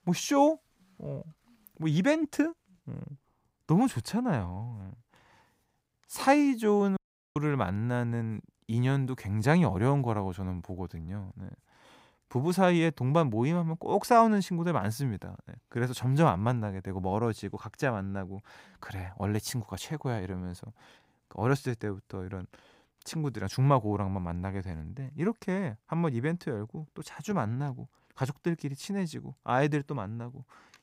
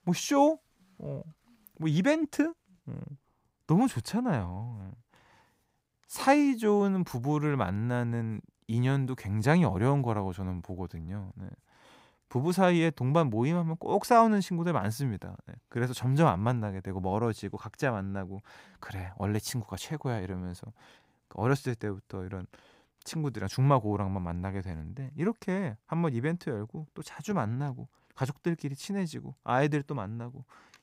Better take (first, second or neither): second